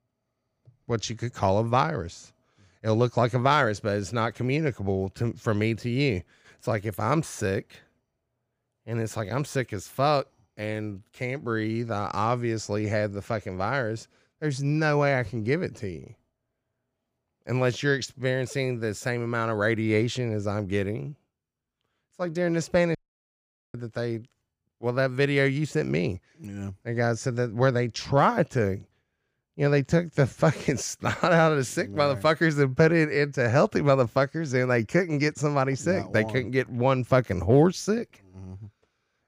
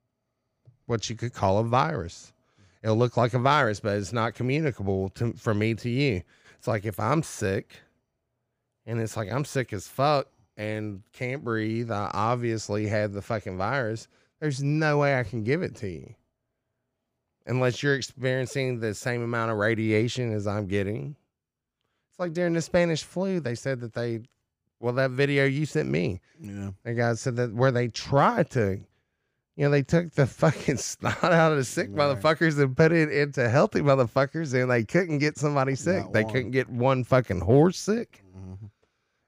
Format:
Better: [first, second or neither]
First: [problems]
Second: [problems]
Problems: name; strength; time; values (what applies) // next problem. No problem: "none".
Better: second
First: audio cutting out; at 23 s for 1 s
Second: none